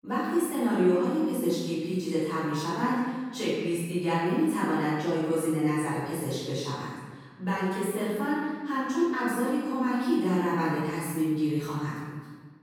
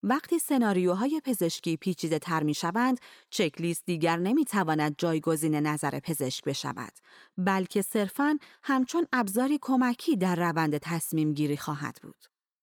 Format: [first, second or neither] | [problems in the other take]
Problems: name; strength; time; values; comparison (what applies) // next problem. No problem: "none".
second | off-mic speech; far // room echo; strong; dies away in 1.4 s